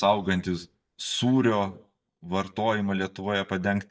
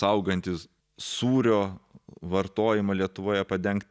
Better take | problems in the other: second | noise reduction (neural mask model DeepFilterNet 3)

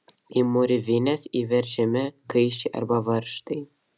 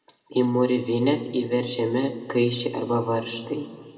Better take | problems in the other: first | room echo; dies away in 1.6 s

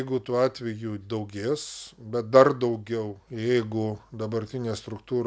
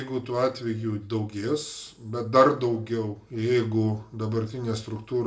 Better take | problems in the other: first | room echo; dies away in 0.3 s

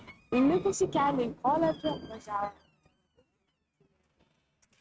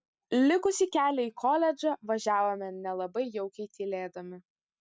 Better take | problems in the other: second | noise reduction (neural mask model RNNoise)

